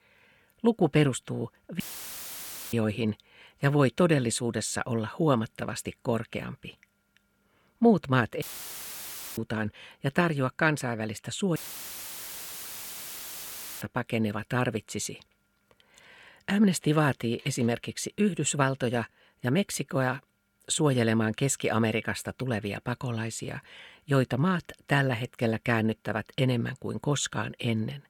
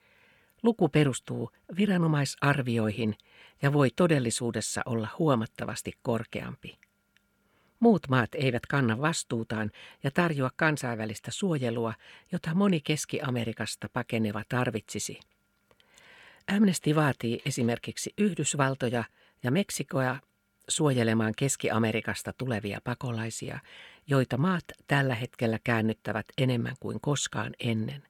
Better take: second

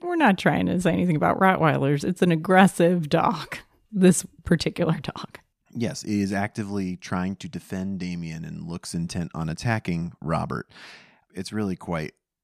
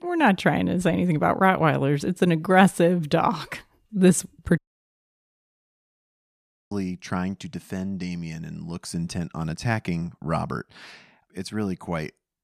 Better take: first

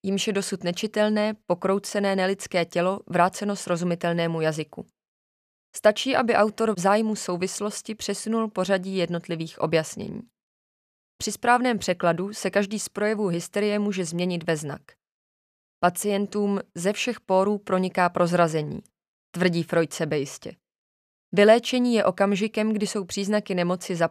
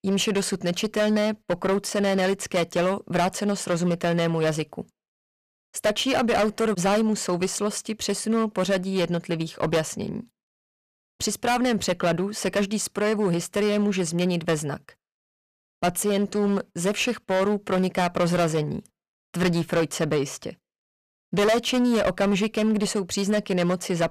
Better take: first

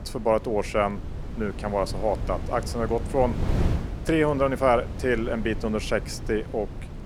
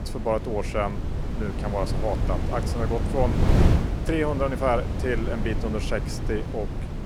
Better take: first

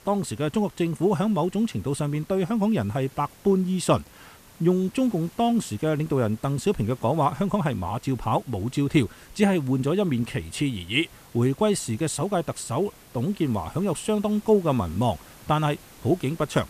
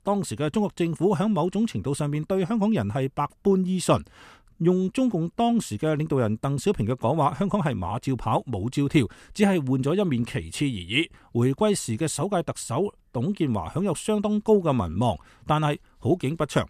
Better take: second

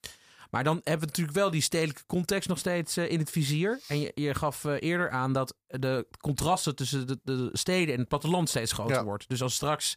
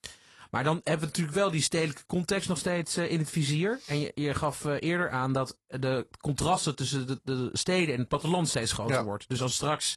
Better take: first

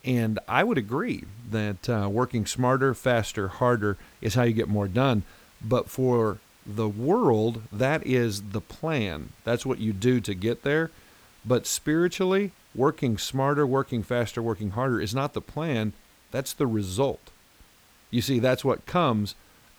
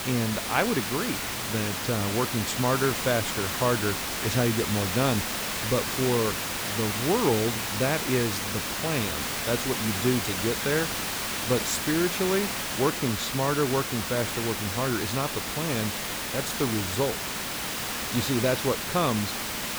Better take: first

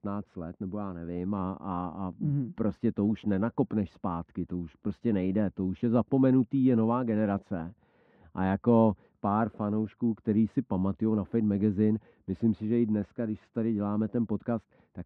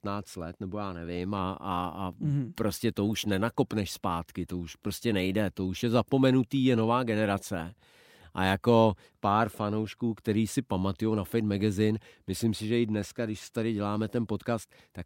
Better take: second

